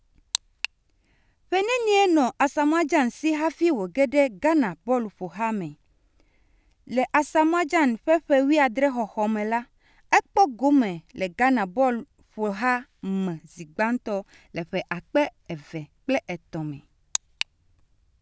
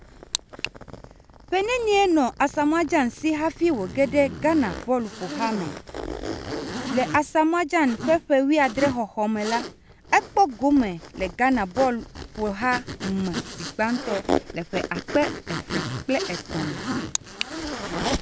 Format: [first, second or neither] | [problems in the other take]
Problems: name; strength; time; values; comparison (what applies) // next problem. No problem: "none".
first | background sound (Zipper (clothing)); 9 dB below the speech